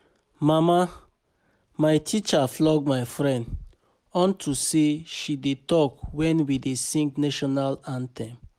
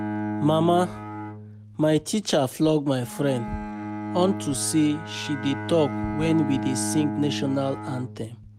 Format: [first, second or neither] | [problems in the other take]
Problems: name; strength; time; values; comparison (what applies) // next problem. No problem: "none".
first | background sound (Bowed string instrument); 7 dB below the speech